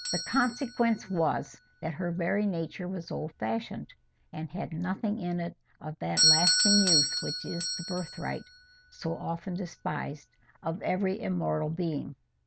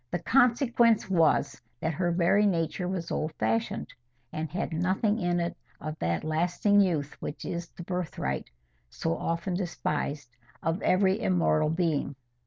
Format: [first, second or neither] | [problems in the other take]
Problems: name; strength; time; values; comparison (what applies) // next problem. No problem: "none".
second | background sound (Doorbell); 2 dB below the speech